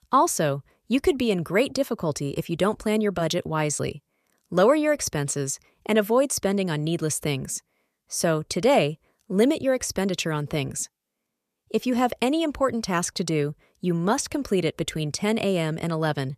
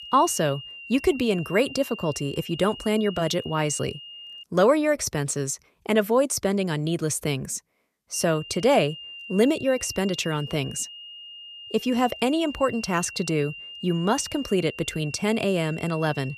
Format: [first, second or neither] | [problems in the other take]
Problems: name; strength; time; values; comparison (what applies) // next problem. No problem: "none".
first | high-pitched whine; noticeable; until 4.5 s and from 8 s on; 3 kHz, 15 dB below the speech